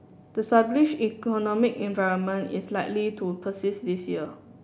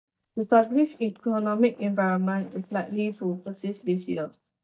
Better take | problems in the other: first | noise reduction (neural mask model DeepFilterNet 3)

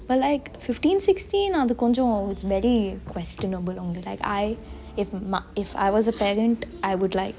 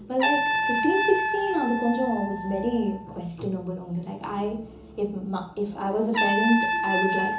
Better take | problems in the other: first | background sound (Trumpet); 2 dB below the speech // room echo; dies away in 0.8 s

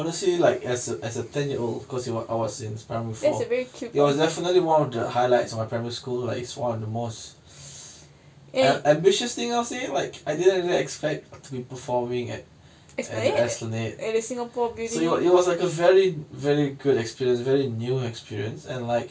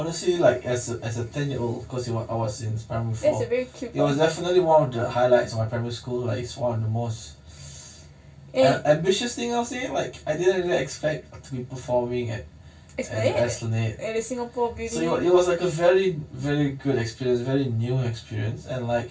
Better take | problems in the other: first | room echo; dies away in 0.4 s

